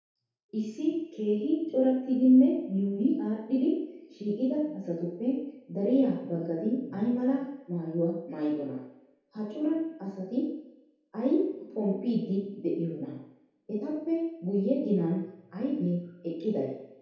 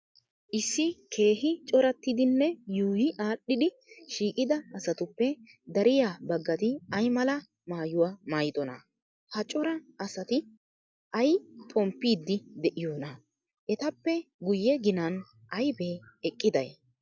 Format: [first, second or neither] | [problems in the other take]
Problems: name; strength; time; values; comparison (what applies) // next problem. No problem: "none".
second | room echo; dies away in 0.8 s